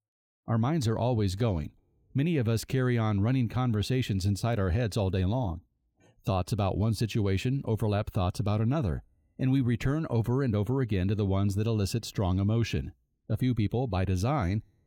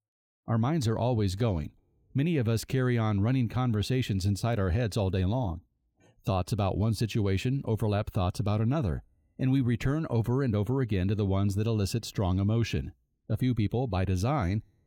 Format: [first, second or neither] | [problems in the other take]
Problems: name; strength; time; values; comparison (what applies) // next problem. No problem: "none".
neither | none